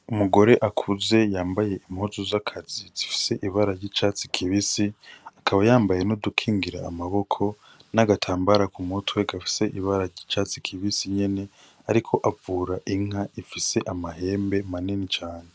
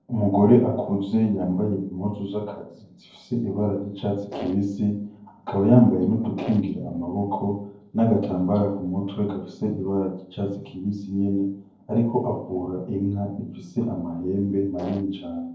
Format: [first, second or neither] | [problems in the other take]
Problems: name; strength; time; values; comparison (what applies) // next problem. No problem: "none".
first | noise reduction (neural separator model SepFormer DNS4)